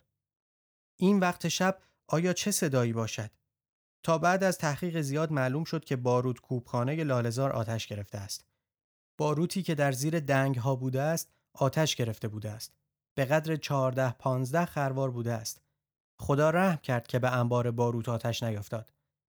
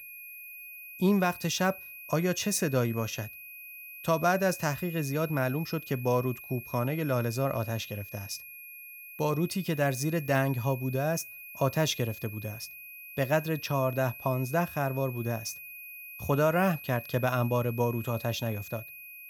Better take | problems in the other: first | high-pitched whine; noticeable; throughout; 2.5 kHz, 15 dB below the speech

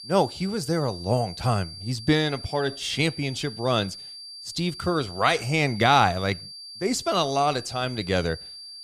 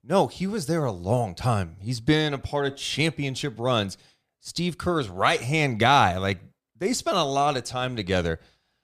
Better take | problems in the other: second | high-pitched whine; noticeable; throughout; 4.5 kHz, 15 dB below the speech

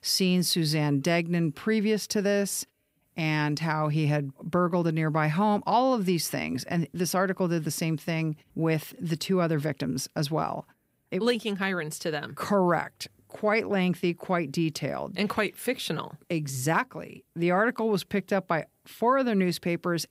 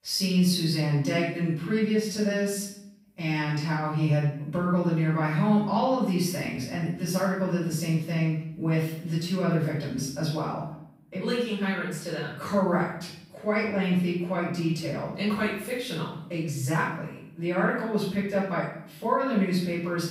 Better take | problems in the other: first | off-mic speech; far // room echo; noticeable; dies away in 0.7 s

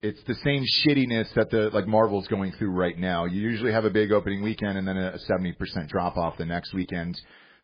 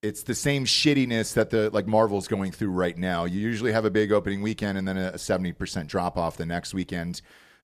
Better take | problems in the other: second | garbled, watery; badly; nothing above 4.5 kHz

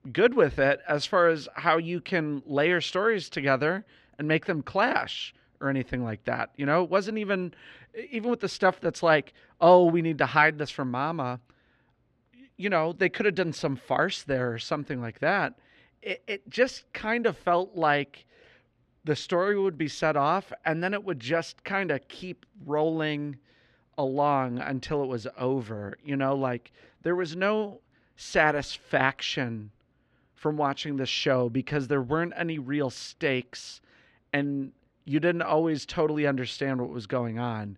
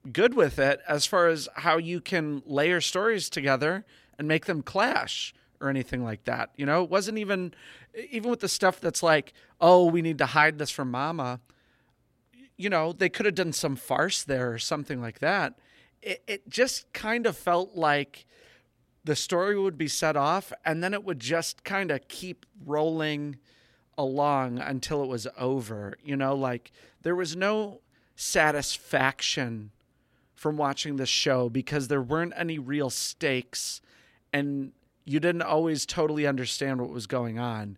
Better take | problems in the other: second | muffled; slightly; fading above 3.5 kHz

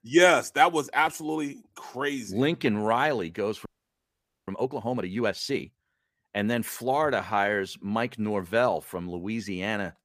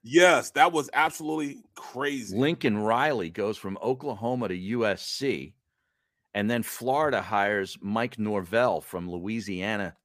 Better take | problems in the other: second | audio freezing; at 3.5 s for 1 s

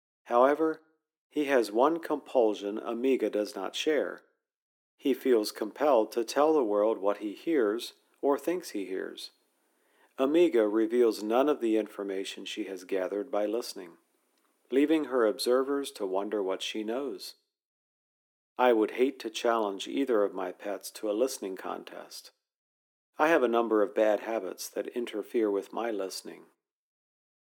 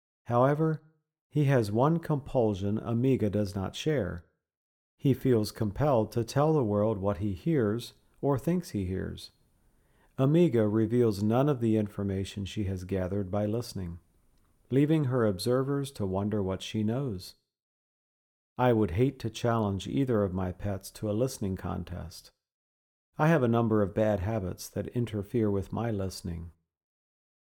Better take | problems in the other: second | thin; somewhat; fading below 300 Hz

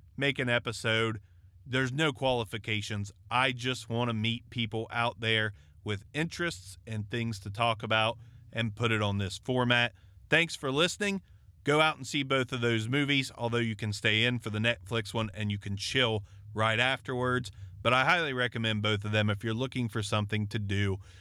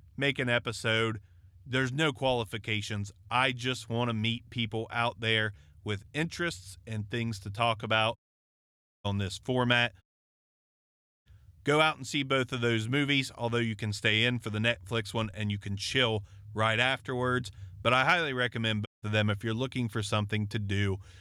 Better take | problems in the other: first | audio cutting out; at 8 s for 1 s, at 10 s for 1 s and at 19 s

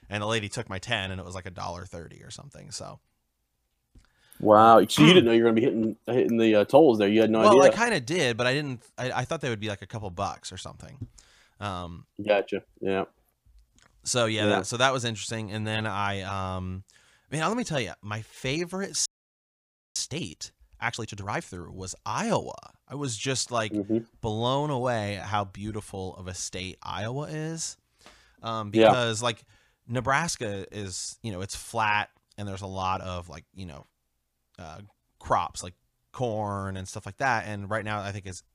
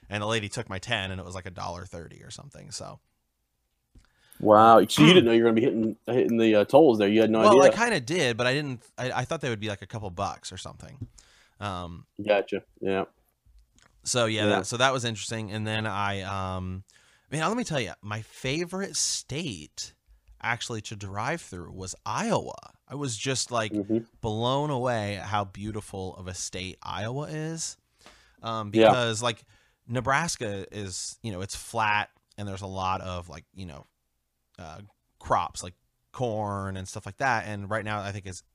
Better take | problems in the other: second | audio freezing; at 19 s for 1 s

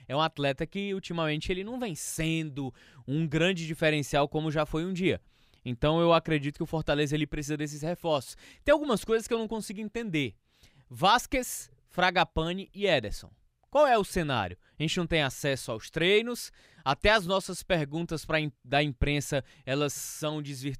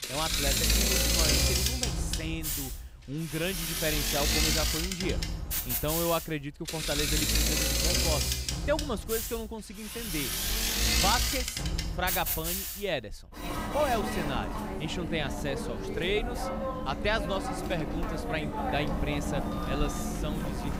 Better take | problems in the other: first | machinery noise; very loud; throughout; 5 dB above the speech

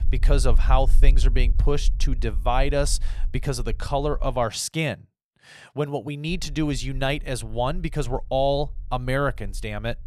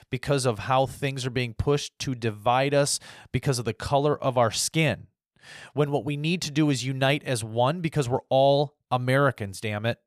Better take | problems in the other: second | low rumble; faint; until 4.5 s and from 6.5 s on; 25 dB below the speech

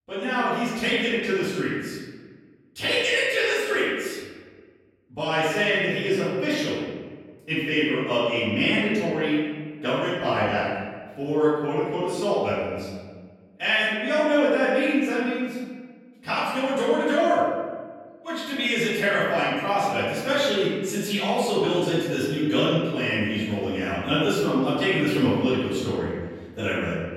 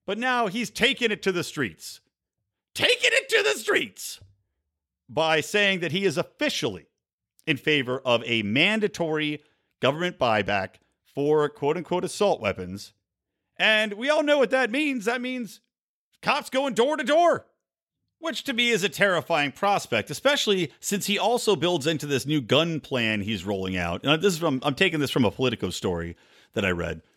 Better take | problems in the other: second | room echo; strong; dies away in 1.4 s // off-mic speech; far

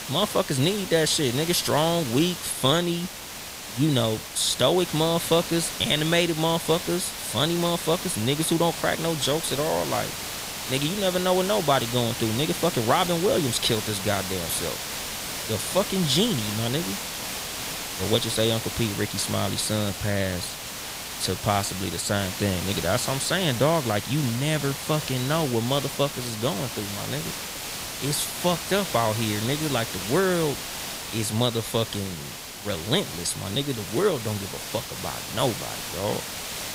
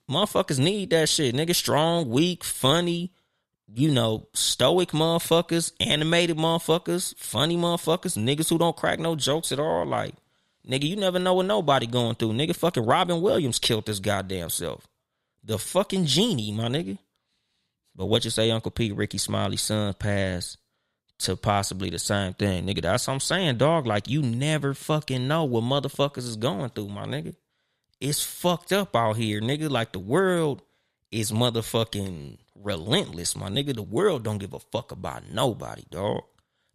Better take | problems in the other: second | hiss; loud; throughout; 6 dB below the speech

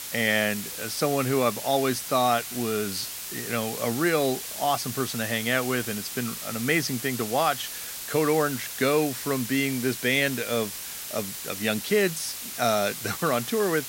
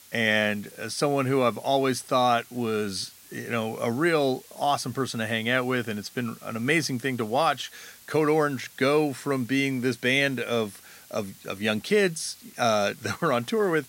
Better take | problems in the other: second | hiss; loud; throughout; 7 dB below the speech; faint in the second

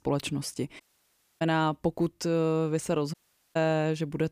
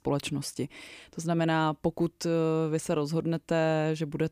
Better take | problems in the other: second | audio cutting out; at 1 s for 0.5 s and at 3 s

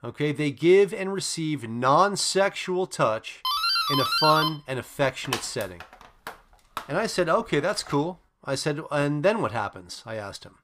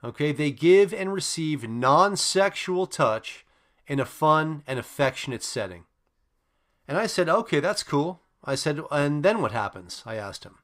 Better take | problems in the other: second | doorbell; loud; from 3.5 to 8 s; peak 3 dB above the speech

